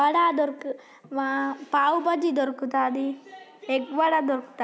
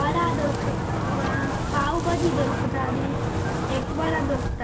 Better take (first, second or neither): first